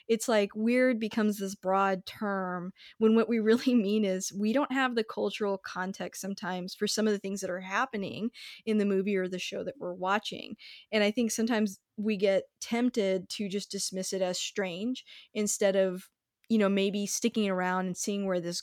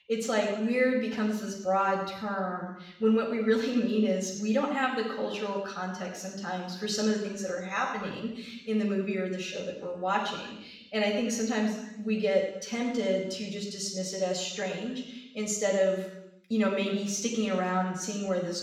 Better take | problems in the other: first | room echo; noticeable; dies away in 0.9 s // off-mic speech; far

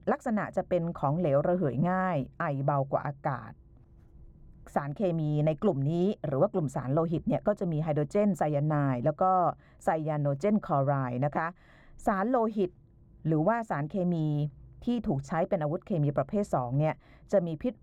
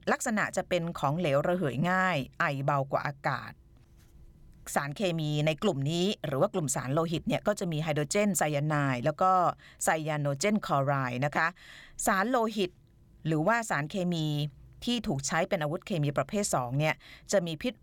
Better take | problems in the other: second | muffled; very; fading above 2 kHz

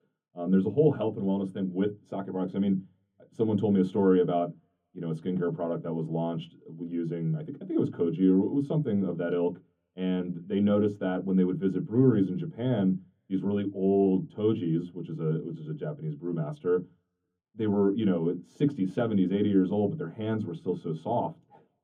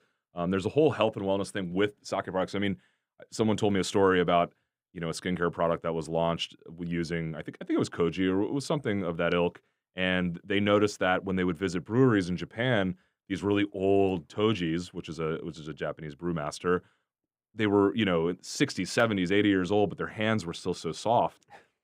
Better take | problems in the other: second | room echo; slight; dies away in 0.3 s // off-mic speech; far

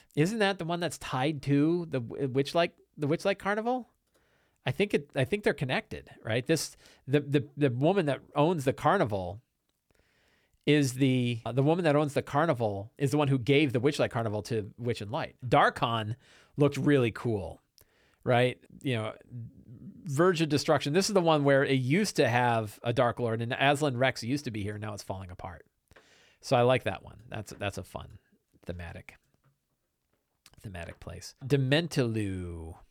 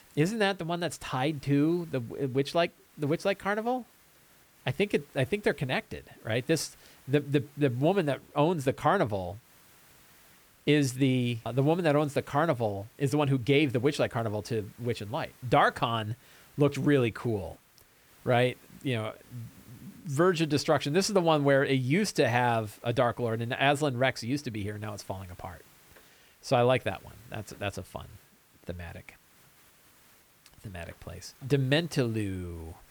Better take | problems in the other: first | hiss; faint; throughout; 30 dB below the speech

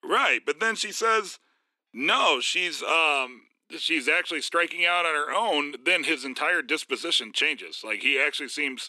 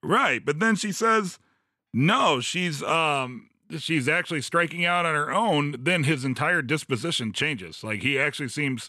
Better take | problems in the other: second | thin; somewhat; fading below 300 Hz

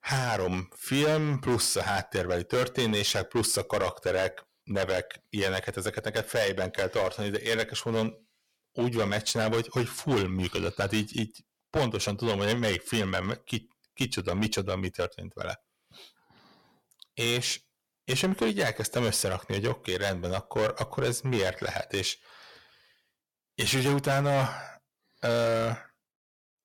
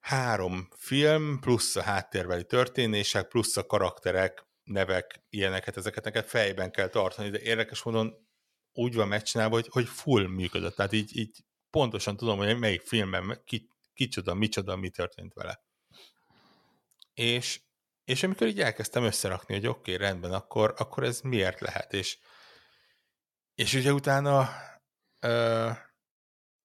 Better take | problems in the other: second | distortion; heavy; 8% of the sound clipped

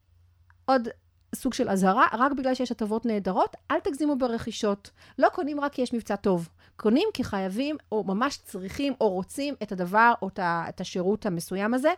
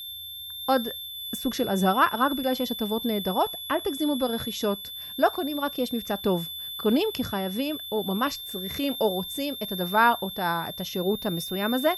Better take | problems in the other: first | high-pitched whine; loud; throughout; 3.5 kHz, 7 dB below the speech

